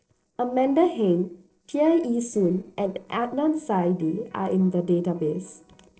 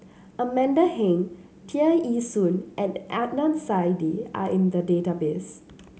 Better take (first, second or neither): second